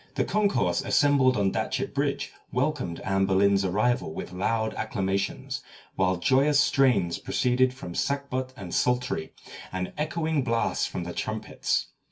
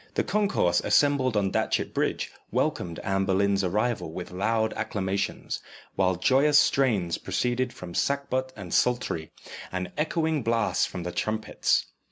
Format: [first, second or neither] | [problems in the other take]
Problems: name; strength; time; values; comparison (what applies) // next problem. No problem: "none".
second | room echo; dies away in 0.1 s